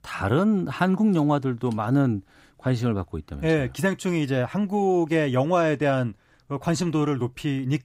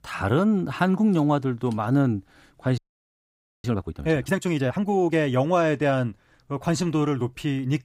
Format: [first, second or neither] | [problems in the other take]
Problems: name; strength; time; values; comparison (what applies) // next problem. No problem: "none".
first | audio freezing; at 3 s for 1 s